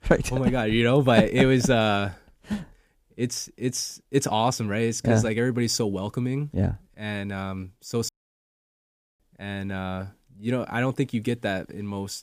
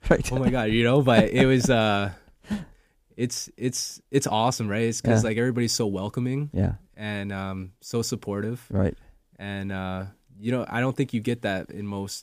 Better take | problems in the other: second | audio cutting out; at 8 s for 1 s

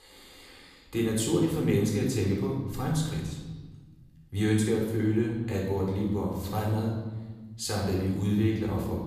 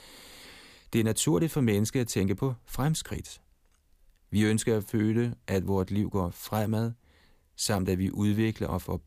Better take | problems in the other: second | off-mic speech; far // room echo; noticeable; dies away in 1.3 s

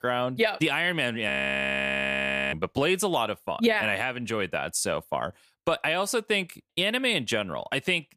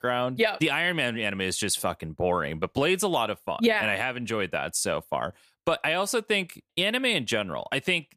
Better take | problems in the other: second | audio freezing; at 1.5 s for 1 s

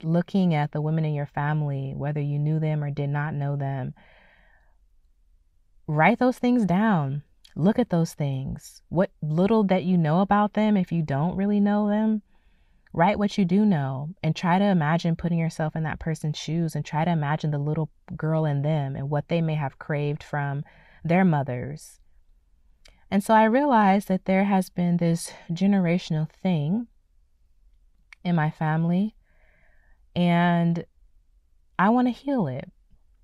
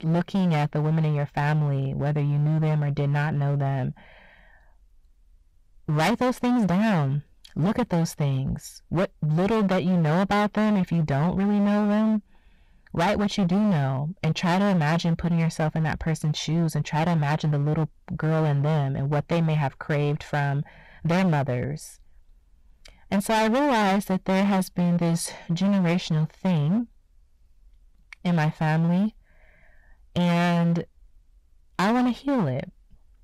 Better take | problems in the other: first | distortion; heavy; 20% of the sound clipped

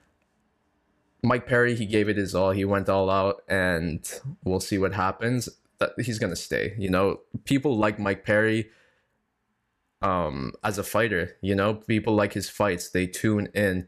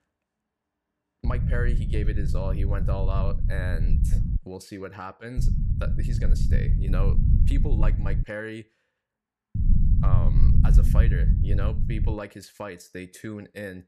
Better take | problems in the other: first | low rumble; loud; from 1.5 to 4.5 s, from 5.5 to 8 s and from 9.5 to 12 s; 3 dB below the speech

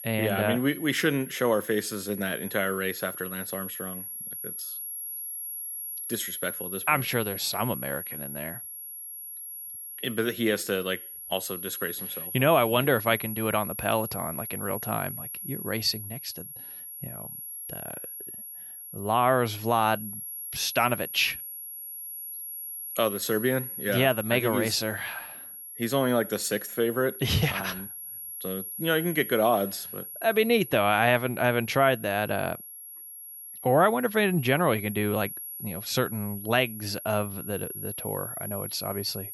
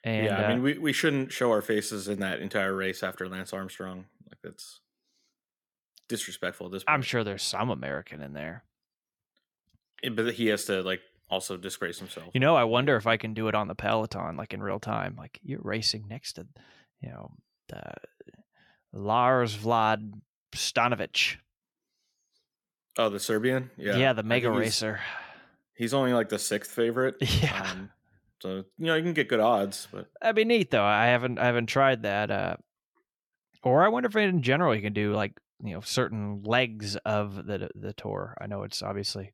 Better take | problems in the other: second | high-pitched whine; loud; throughout; 11.5 kHz, 9 dB below the speech

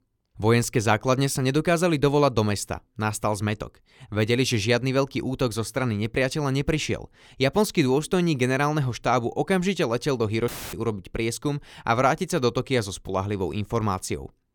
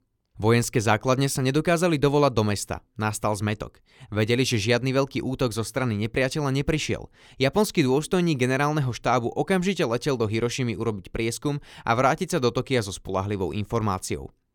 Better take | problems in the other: second | audio cutting out; filled with static; at 10 s

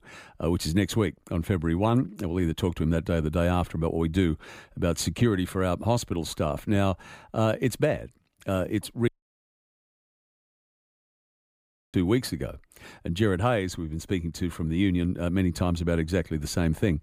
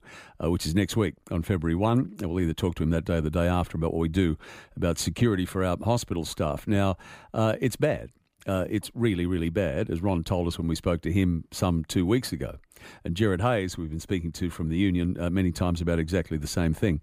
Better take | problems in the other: second | audio cutting out; at 9 s for 3 s

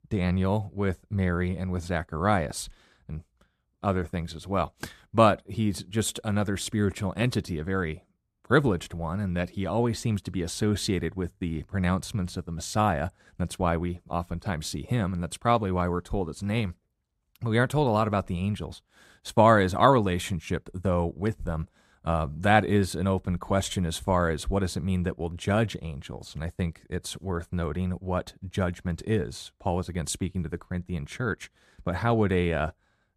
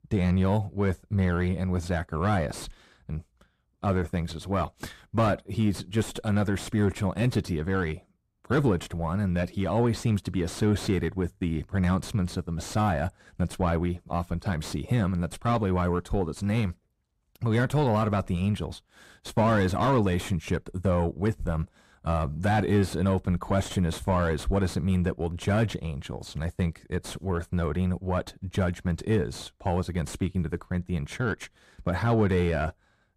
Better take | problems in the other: first | distortion; heavy; 7 dB below the speech

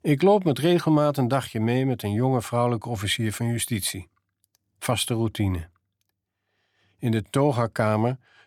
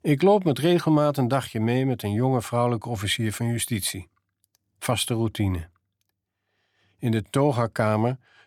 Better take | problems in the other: neither | none

